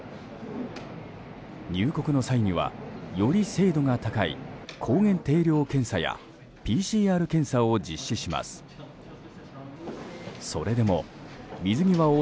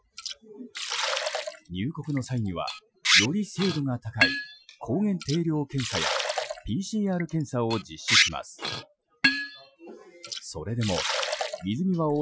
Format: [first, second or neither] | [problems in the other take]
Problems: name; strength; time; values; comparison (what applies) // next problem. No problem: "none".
first | noise reduction (classical method Wiener filter)